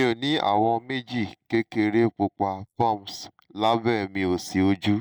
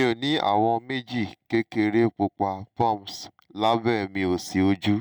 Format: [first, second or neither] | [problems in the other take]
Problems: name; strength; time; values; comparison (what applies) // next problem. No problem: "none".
second | noise reduction (neural mask model Resemble Enhance denoiser)